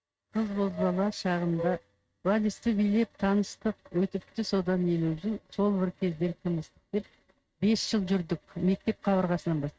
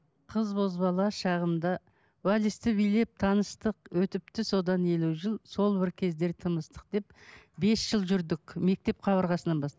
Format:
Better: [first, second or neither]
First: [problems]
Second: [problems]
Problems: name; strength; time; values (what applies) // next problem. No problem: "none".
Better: second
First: noise reduction (neural mask model RNNoise)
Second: none